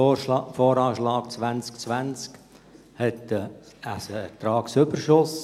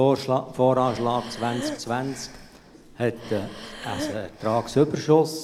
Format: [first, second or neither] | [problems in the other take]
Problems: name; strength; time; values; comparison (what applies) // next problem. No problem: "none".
first | background sound (Breathing); 14 dB below the speech